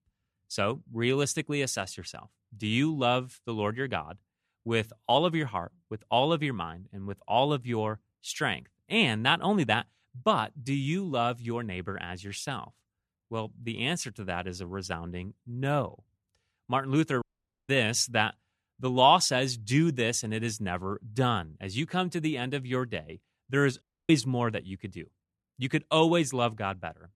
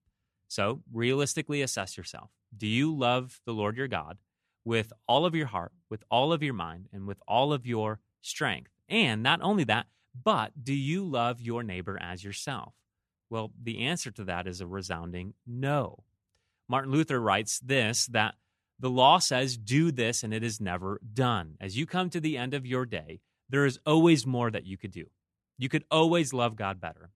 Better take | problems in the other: second | audio cutting out; at 17 s and at 24 s

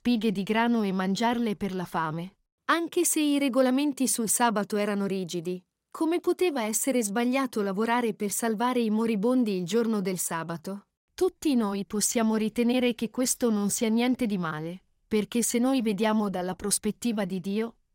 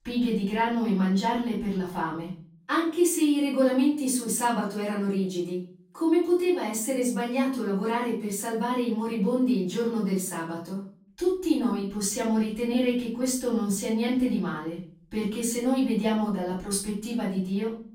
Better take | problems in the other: first | off-mic speech; far // room echo; noticeable; dies away in 0.4 s

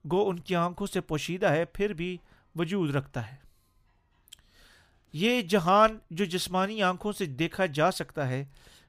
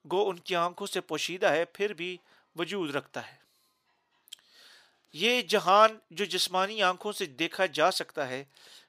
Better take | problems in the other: first | thin; somewhat; fading below 350 Hz

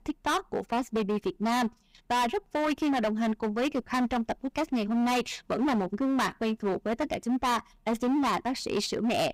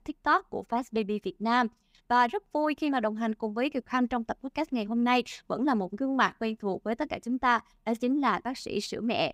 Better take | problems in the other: second | distortion; heavy; 19% of the sound clipped

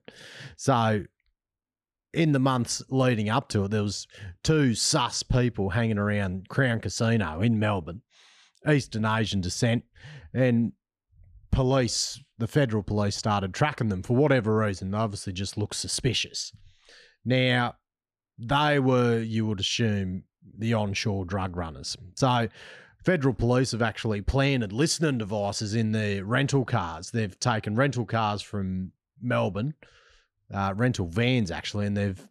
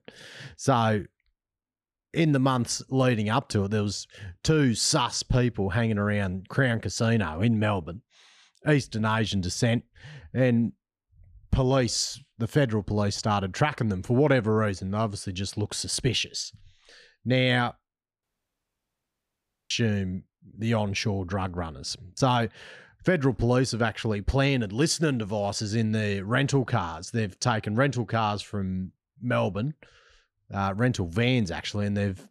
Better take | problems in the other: first | audio cutting out; at 18 s for 1.5 s

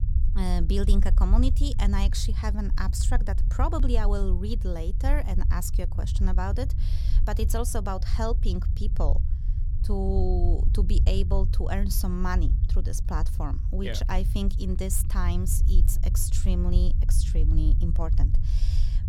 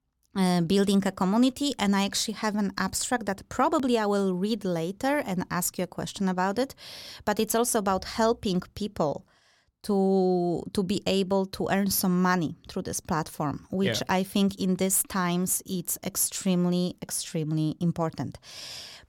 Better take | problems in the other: second | low rumble; noticeable; throughout; 10 dB below the speech

